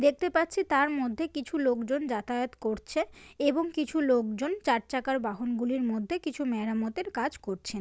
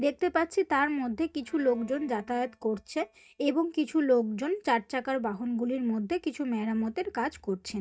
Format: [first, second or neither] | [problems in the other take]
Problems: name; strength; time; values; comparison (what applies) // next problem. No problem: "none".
first | noise reduction (neural mask model DeepFilterNet 3)